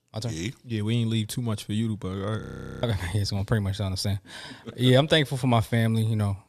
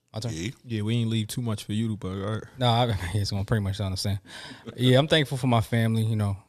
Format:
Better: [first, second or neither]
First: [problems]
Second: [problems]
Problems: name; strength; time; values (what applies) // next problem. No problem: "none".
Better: second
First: audio freezing; at 2.5 s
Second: none